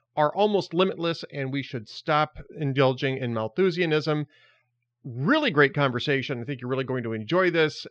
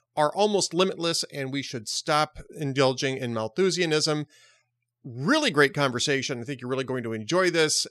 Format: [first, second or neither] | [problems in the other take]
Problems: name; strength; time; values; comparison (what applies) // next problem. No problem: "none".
second | muffled; slightly; fading above 3.5 kHz